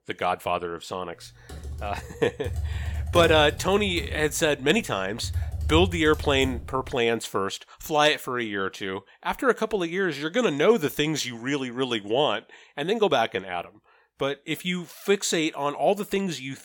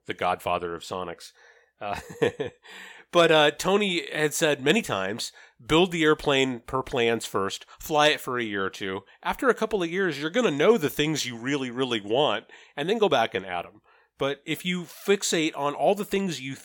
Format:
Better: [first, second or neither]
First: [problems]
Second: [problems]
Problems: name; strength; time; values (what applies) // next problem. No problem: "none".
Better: second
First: keyboard typing; noticeable; from 1.5 to 7 s; peak 4 dB below the speech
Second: none